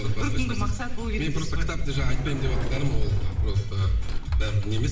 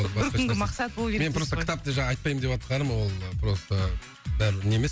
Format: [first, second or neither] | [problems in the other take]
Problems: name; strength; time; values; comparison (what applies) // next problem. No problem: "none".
second | background sound (Sliding door); 1 dB above the speech // room echo; dies away in 0.8 s